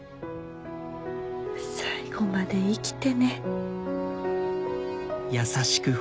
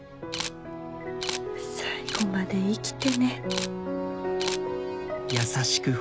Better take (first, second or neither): first